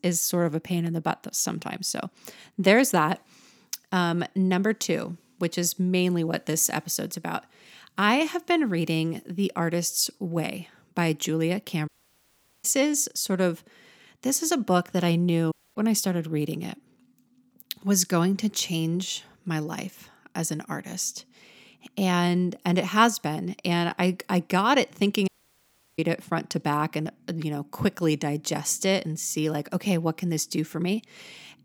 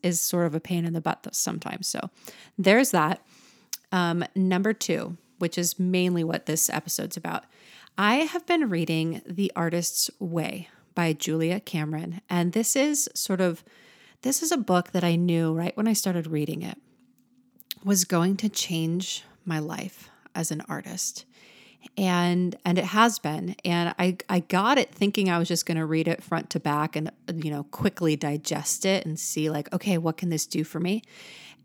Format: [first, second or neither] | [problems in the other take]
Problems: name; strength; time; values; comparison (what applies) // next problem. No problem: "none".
second | audio cutting out; at 12 s for 1 s, at 16 s and at 25 s for 0.5 s